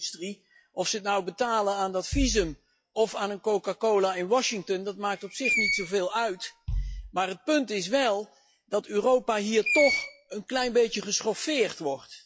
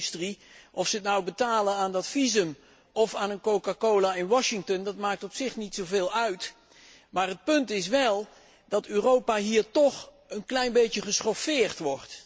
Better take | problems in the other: second | noise reduction (classical method log-MMSE)

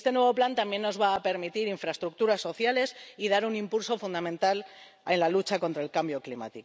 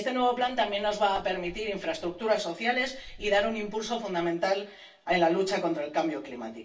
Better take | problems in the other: first | background sound (Boat, Water vehicle); 20 dB below the speech // room echo; dies away in 0.3 s

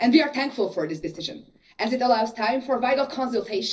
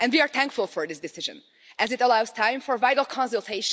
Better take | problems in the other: second | noise reduction (neural separator model SepFormer DNS4)

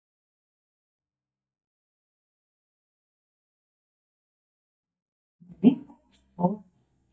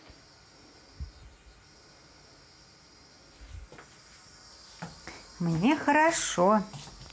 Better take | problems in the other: second | noise reduction (neural mask model DeepFilterNet 3)

